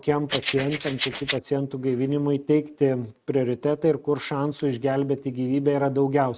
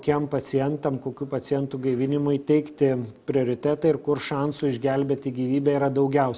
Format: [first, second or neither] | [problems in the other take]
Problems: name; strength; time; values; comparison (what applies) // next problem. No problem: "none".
second | noise reduction (neural mask model RNNoise)